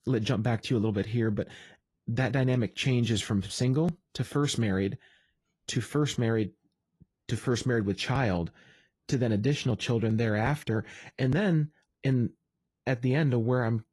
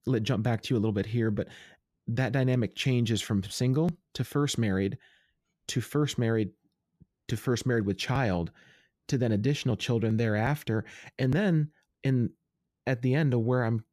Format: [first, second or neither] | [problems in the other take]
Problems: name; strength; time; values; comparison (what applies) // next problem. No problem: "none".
second | garbled, watery; slightly; nothing above 11.5 kHz